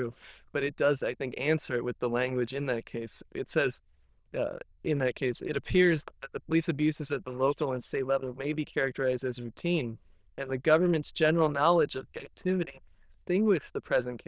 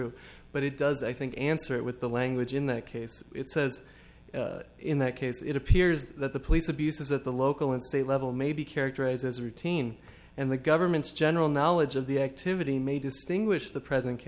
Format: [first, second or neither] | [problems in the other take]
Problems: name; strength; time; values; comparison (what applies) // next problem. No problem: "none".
second | noise reduction (neural diffusion model UNIVERSE++)